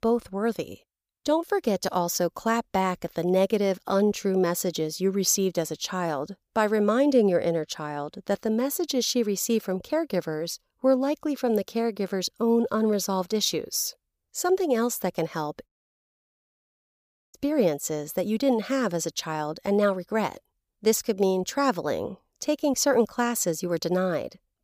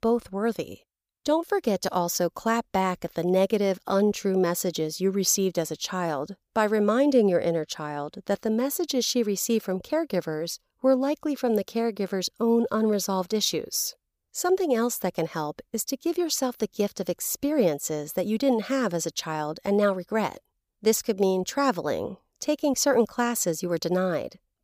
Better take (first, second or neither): second